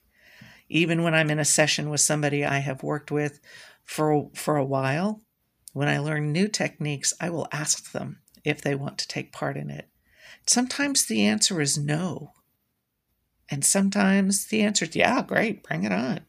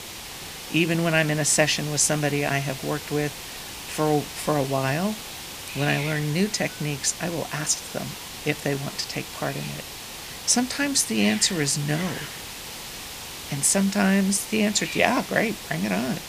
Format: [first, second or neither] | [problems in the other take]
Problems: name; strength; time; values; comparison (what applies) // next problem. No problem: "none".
first | hiss; noticeable; throughout; 10 dB below the speech